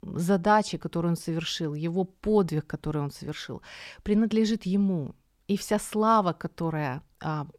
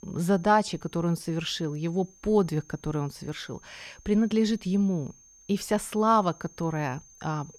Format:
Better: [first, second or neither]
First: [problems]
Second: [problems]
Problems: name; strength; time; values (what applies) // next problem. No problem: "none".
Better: first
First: none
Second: high-pitched whine; faint; throughout; 6.5 kHz, 25 dB below the speech